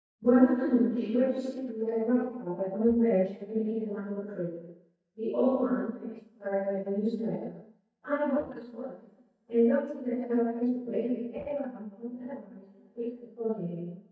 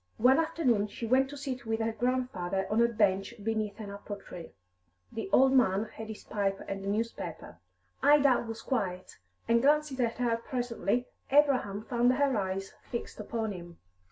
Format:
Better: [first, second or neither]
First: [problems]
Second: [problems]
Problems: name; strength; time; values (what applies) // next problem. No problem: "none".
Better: second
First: noise reduction (neural mask model DeepFilterNet 3)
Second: none